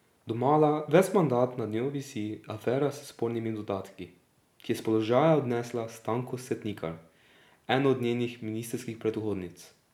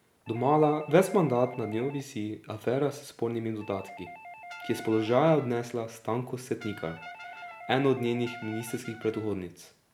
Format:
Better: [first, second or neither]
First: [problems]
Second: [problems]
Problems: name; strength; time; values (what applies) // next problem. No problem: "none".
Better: first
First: none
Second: background sound (Brass instrument + Doorbell); 17 dB below the speech